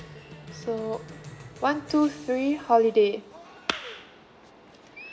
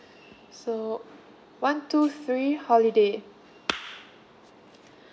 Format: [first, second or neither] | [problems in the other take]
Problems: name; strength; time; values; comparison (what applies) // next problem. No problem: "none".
second | background sound (Cheering); 19 dB below the speech